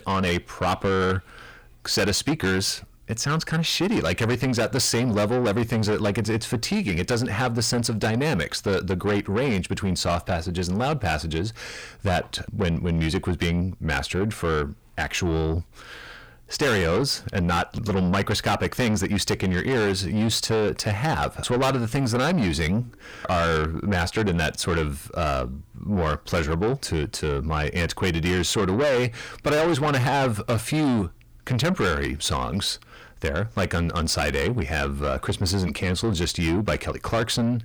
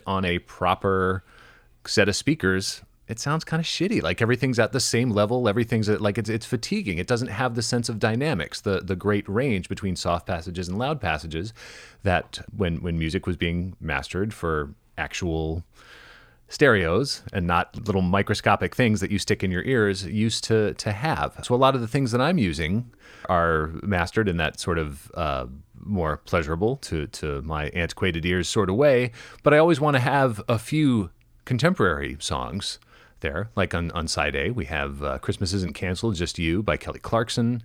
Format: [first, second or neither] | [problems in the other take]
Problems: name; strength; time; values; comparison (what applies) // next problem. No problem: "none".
second | distortion; heavy; 6 dB below the speech